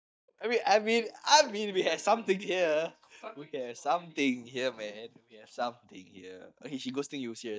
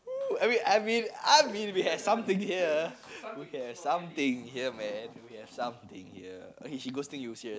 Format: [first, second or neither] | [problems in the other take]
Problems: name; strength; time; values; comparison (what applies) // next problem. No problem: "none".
second | noise reduction (neural mask model DeepFilterNet 3)